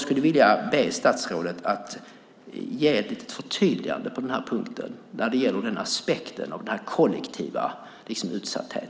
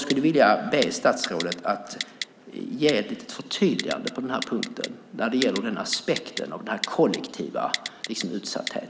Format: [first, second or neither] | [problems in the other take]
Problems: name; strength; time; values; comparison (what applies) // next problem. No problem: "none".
first | background sound (Typing); 11 dB below the speech